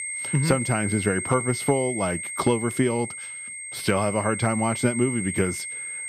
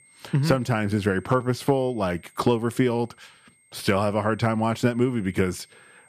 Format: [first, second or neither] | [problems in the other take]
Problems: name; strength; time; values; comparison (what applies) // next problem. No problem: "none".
second | high-pitched whine; loud; throughout; 2 kHz, 5 dB below the speech; faint in the second